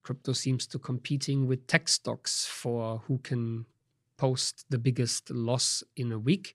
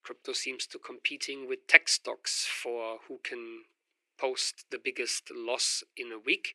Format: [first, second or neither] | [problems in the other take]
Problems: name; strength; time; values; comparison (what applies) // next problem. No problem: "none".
first | thin; very; fading below 350 Hz